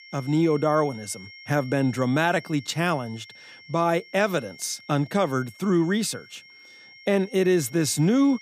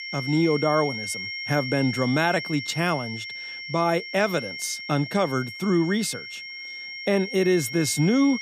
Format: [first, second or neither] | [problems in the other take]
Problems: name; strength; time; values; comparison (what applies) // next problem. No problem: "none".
first | high-pitched whine; loud; throughout; 2 kHz, 8 dB below the speech; faint in the first